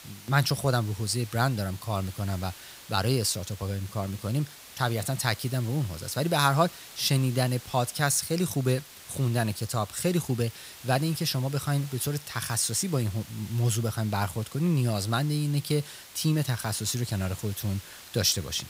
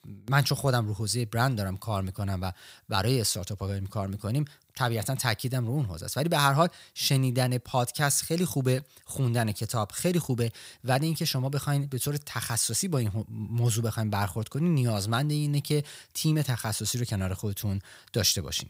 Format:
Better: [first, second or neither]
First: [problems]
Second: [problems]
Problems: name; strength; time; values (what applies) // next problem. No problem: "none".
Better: second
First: hiss; noticeable; throughout; 15 dB below the speech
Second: none